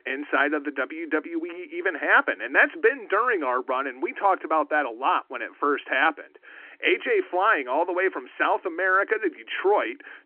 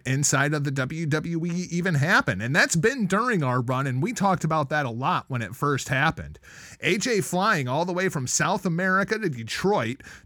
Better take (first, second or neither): second